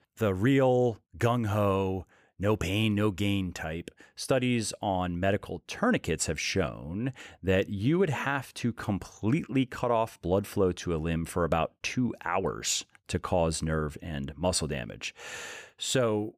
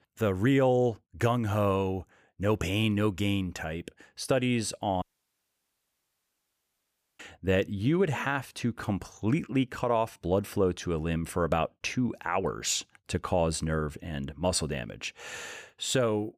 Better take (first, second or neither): first